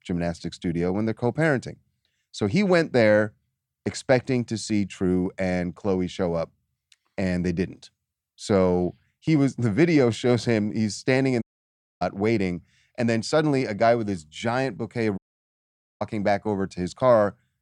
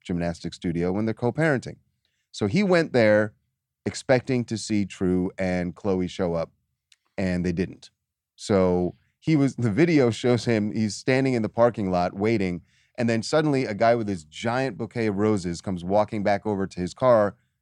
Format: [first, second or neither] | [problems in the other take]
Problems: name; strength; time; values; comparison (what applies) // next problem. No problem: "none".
second | audio cutting out; at 11 s for 0.5 s and at 15 s for 1 s